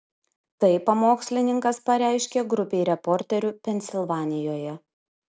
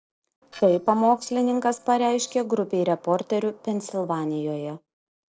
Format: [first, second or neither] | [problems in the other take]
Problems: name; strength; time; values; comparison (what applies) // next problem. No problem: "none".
first | noise reduction (neural separator model SepFormer DNS4)